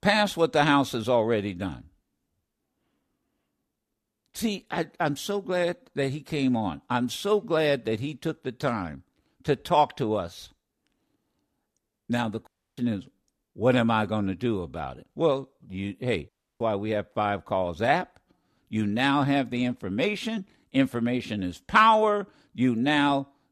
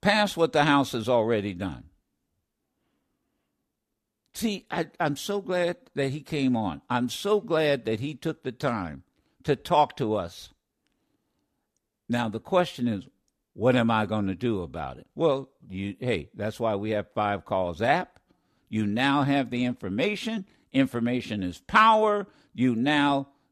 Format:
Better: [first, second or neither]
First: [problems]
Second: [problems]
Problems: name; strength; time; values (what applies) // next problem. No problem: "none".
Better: second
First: audio cutting out; at 12 s and at 16 s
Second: none